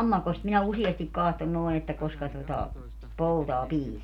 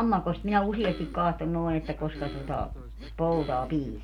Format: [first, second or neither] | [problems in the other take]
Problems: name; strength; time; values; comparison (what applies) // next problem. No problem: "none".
first | background sound (Cough); 17 dB below the speech